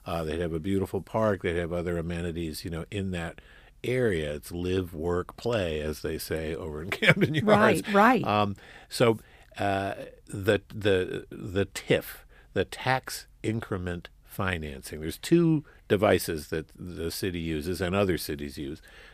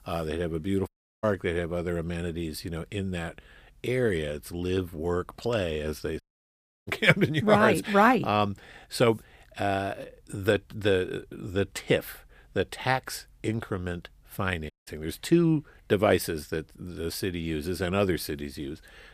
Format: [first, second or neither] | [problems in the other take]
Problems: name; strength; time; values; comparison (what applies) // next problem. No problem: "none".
first | audio cutting out; at 1 s, at 6 s for 0.5 s and at 15 s